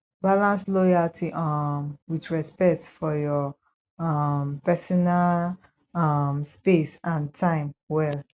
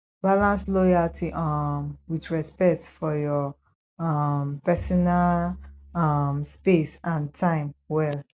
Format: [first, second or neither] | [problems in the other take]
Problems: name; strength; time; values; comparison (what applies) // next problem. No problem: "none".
first | noise reduction (neural mask model DeepFilterNet 3)